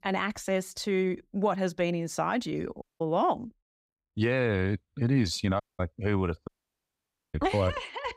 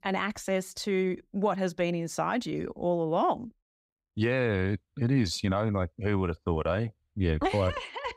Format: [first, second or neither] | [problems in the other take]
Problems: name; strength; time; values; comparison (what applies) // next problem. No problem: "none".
second | audio cutting out; at 3 s, at 5.5 s and at 6.5 s for 1 s